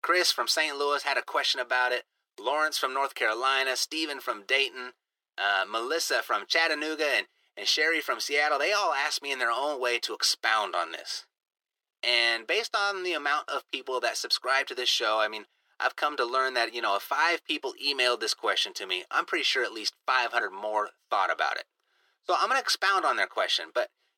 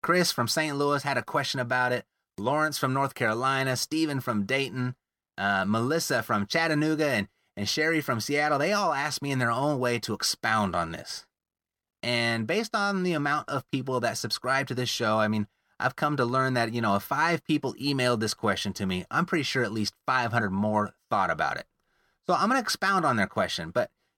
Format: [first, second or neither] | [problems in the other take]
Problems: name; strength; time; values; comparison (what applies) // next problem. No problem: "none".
second | thin; very; fading below 350 Hz